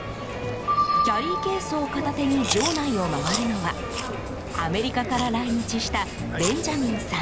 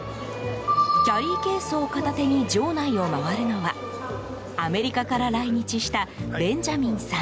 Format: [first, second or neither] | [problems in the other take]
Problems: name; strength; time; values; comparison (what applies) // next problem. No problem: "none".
second | background sound (Crowd + Chewing, mastication); 7 dB below the speech